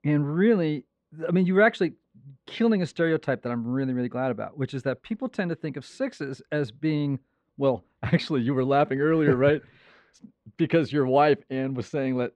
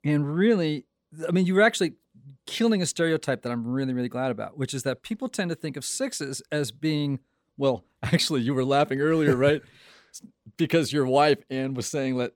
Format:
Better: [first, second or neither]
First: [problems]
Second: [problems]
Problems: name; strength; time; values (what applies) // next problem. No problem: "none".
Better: second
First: muffled; slightly; fading above 2.5 kHz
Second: none